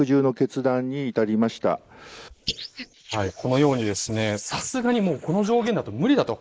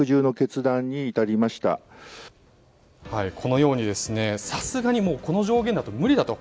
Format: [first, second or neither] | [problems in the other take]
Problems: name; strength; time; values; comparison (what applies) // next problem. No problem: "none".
second | noise reduction (neural mask model Resemble Enhance denoiser)